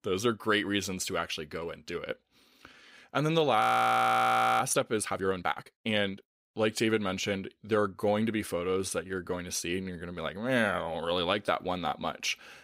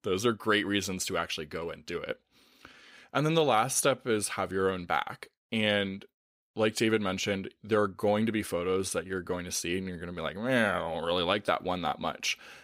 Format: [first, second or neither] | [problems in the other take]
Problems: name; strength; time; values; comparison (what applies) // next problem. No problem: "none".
second | audio freezing; at 3.5 s for 1 s